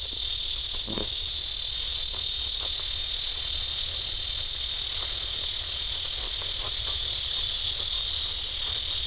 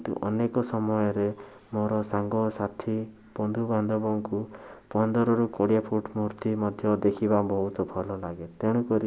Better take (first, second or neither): second